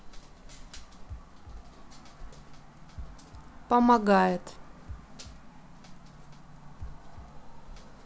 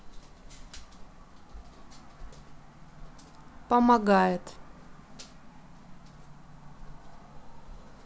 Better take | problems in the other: second | background sound (Drum kit); 20 dB below the speech

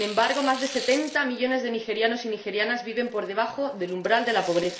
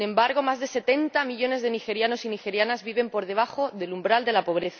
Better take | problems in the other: second | background sound (Tearing); 15 dB below the speech // room echo; dies away in 1.7 s

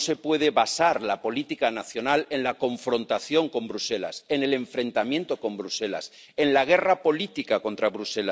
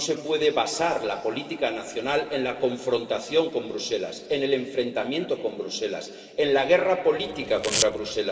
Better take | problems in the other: first | background sound (Domestic sounds, home sounds); 5 dB below the speech // room echo; dies away in 2.7 s

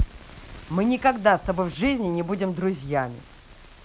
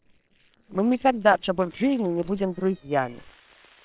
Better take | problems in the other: first | noise reduction (neural separator model SepFormer WHAM!)

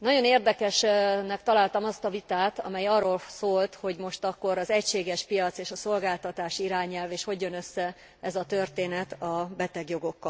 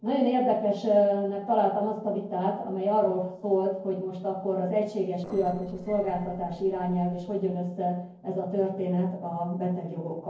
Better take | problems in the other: first | noise reduction (neural separator model SepFormer DNS4)

